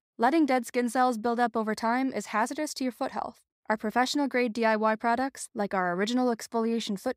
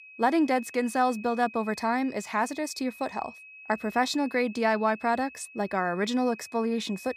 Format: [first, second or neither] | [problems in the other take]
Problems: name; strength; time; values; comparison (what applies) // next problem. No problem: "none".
first | high-pitched whine; noticeable; throughout; 2.5 kHz, 20 dB below the speech